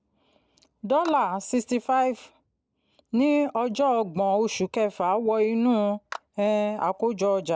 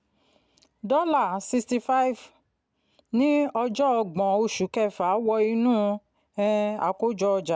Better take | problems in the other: second | noise reduction (neural mask model Resemble Enhance denoiser)

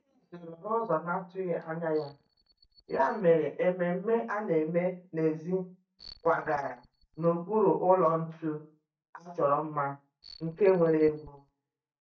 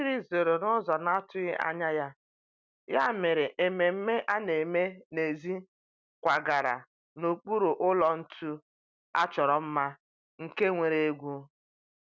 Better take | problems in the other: second | noise reduction (neural mask model DeepFilterNet 3)

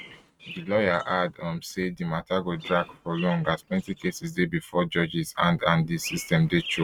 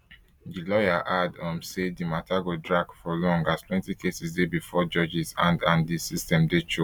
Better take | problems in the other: second | noise reduction (neural mask model RNNoise)

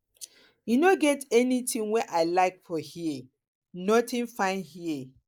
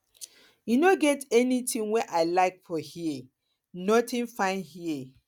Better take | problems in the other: second | noise reduction (neural mask model Resemble Enhance denoiser)

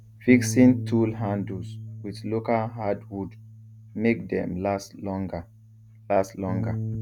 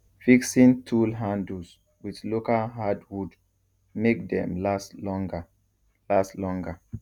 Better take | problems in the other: second | background sound (Bass guitar); 9 dB below the speech

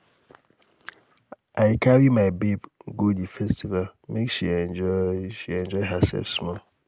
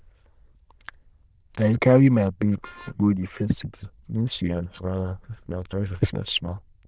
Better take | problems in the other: first | noise reduction (neural diffusion model UNIVERSE++)

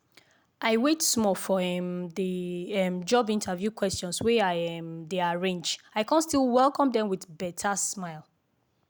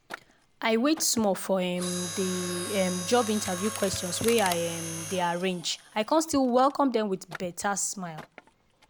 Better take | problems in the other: first | background sound (Mechanisms); 11 dB below the speech

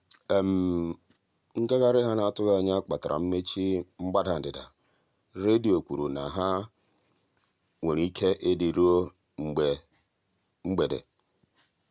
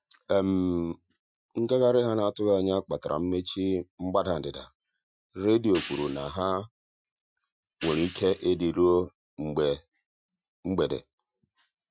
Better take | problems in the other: first | noise reduction (classical method Wiener filter)

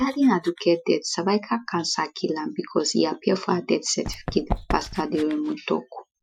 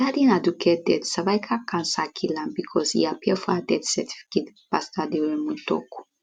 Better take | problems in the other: second | noise reduction (classical method Wiener filter)

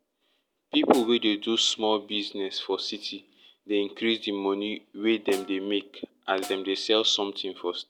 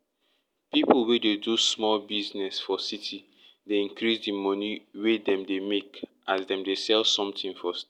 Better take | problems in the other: second | background sound (Snare drum); 18 dB below the speech

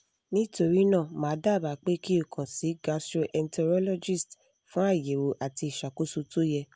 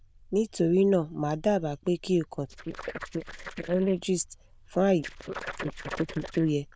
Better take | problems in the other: first | noise reduction (neural diffusion model UNIVERSE++)

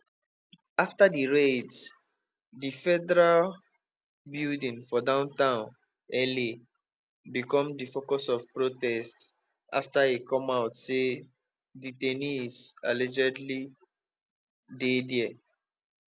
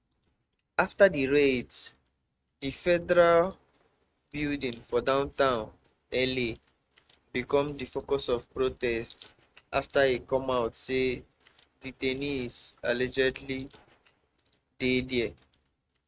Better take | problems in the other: first | noise reduction (neural mask model RNNoise)

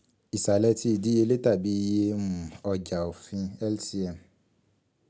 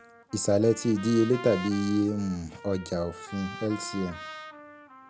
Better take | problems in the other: first | background sound (Trumpet); 15 dB below the speech

